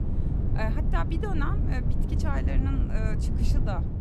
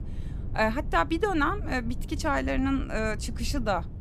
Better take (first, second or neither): second